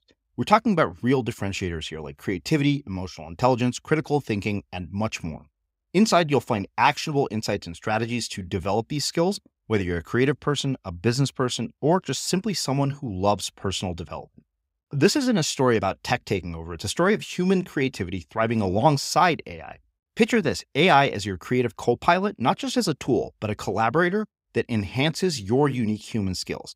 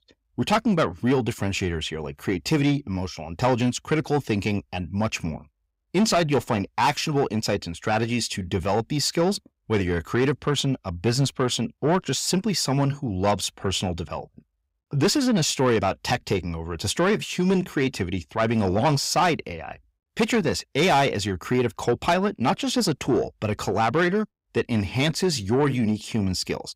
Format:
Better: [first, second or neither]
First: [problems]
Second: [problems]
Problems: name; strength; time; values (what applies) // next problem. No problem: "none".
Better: first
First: none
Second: distortion; slight; 10 dB below the speech